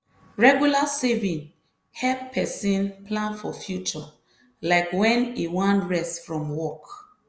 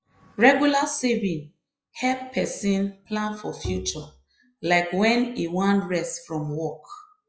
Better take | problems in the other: first | noise reduction (classical method log-MMSE)

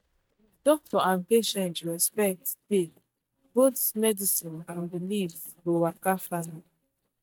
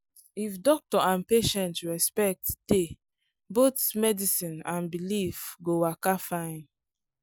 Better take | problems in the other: second | noise reduction (neural mask model DeepFilterNet 3)

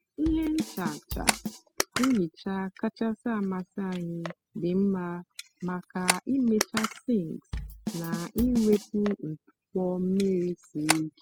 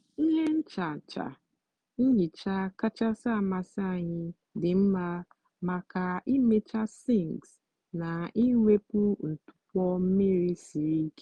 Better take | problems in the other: second | noise reduction (classical method spectral subtraction)

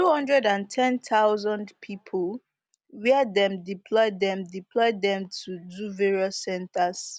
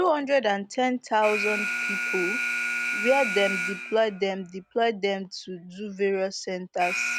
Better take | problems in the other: first | background sound (Alarm); 5 dB below the speech

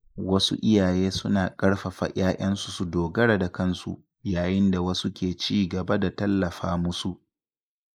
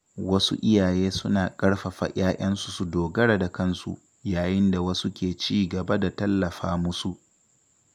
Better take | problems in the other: second | noise reduction (neural mask model Resemble Enhance denoiser)

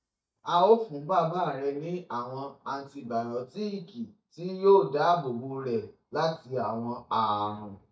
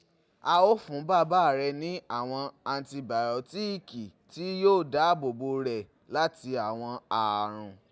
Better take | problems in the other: second | noise reduction (neural mask model DeepFilterNet 3)

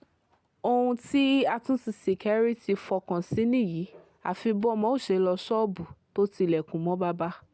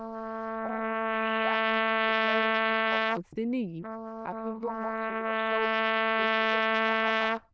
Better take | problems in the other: first | noise reduction (neural diffusion model UNIVERSE++)

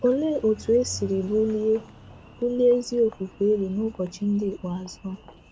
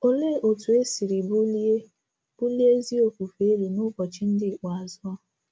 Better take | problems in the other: second | background sound (Engine); 20 dB below the speech

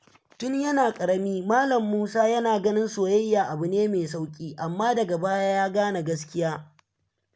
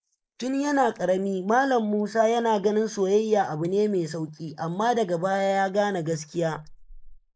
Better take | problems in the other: first | noise reduction (neural mask model Resemble Enhance denoiser)

